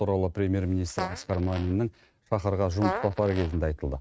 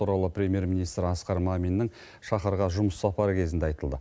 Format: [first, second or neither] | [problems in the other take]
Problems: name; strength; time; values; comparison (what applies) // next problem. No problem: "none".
second | noise reduction (neural mask model RNNoise)